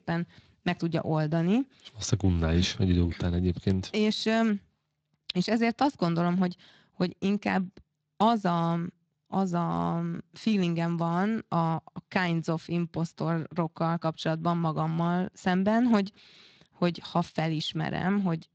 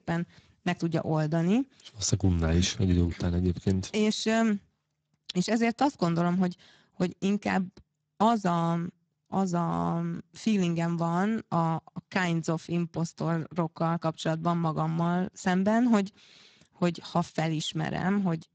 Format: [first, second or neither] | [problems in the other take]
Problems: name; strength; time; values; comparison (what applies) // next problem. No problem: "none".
first | garbled, watery; badly; nothing above 7.5 kHz; slightly in the first